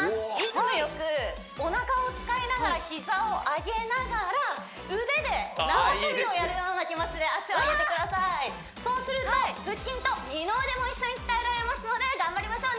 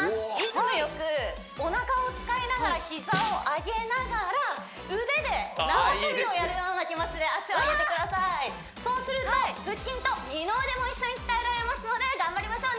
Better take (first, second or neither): first